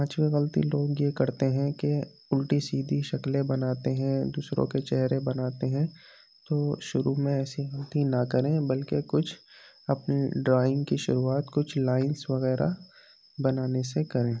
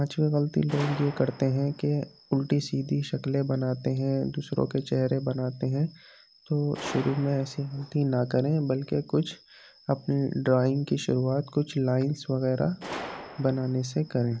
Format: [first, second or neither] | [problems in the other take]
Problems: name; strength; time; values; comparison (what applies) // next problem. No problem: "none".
first | background sound (Gunshot, gunfire); 18 dB below the speech